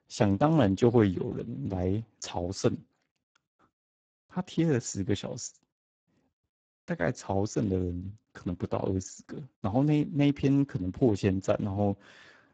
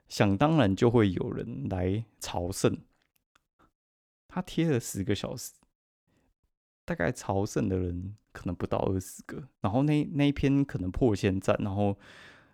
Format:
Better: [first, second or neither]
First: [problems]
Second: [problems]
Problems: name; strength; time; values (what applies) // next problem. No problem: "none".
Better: second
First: garbled, watery; badly; nothing above 7.5 kHz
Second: none